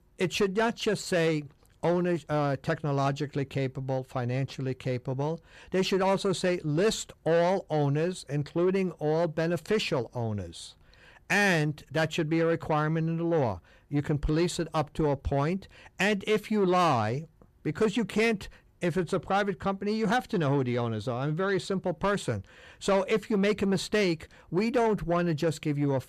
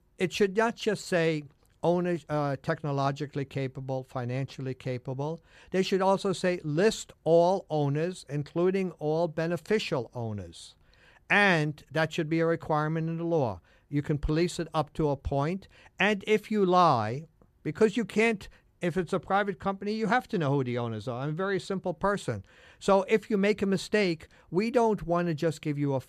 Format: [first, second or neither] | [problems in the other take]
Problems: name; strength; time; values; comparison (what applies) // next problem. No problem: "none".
second | distortion; slight; 10 dB below the speech